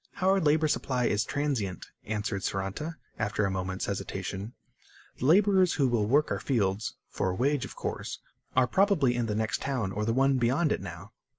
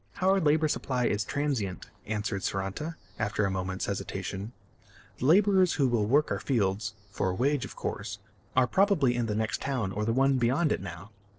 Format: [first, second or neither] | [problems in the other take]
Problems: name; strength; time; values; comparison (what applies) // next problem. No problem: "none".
first | noise reduction (neural separator model SepFormer DNS4)